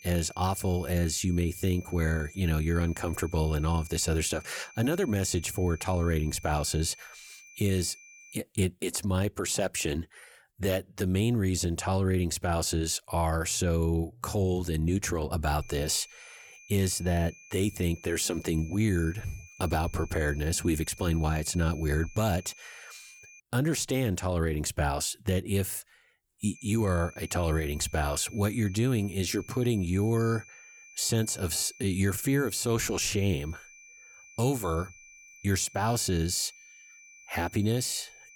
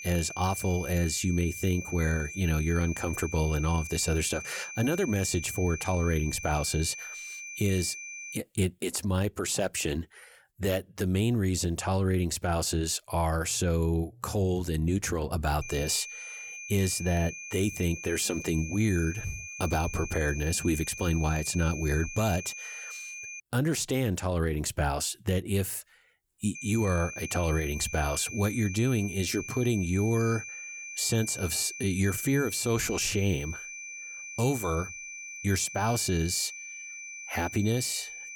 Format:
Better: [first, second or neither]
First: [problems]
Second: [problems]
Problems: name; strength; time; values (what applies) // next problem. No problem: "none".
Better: first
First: high-pitched whine; faint; until 8.5 s, from 16 to 23 s and from 27 s on; 2.5 kHz, 20 dB below the speech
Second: high-pitched whine; loud; until 8.5 s, from 16 to 23 s and from 27 s on; 2.5 kHz, 10 dB below the speech